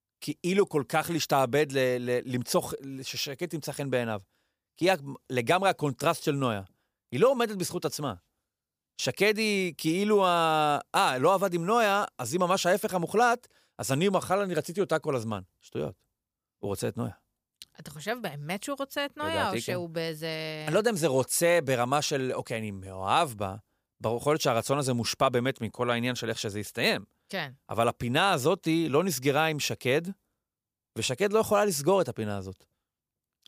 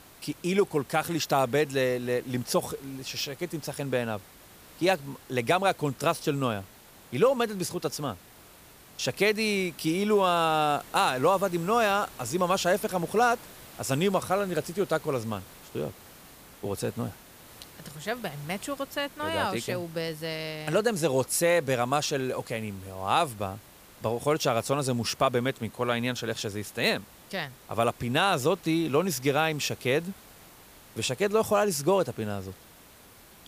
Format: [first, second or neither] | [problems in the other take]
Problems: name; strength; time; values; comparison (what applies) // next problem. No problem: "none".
first | hiss; faint; throughout; 20 dB below the speech